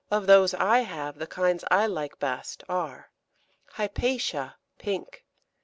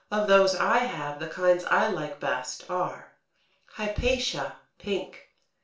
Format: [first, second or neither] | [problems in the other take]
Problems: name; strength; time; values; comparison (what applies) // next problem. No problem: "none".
first | room echo; dies away in 0.3 s